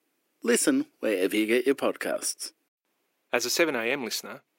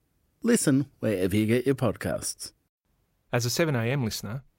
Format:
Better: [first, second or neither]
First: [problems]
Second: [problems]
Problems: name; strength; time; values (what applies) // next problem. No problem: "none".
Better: second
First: thin; very slightly; fading below 300 Hz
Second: none